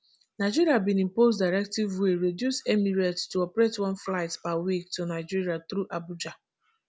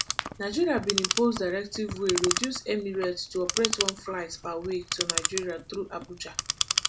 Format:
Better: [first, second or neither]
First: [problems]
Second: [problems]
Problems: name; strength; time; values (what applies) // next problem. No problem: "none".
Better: first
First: none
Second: background sound (Clock); 2 dB below the speech // room echo; dies away in 0.2 s